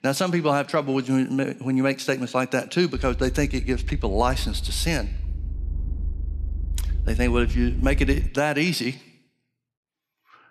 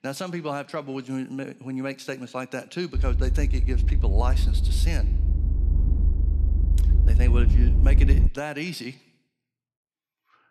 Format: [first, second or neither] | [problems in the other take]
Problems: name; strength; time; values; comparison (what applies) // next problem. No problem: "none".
first | low rumble; loud; from 3 to 8.5 s; 8 dB below the speech; faint in the first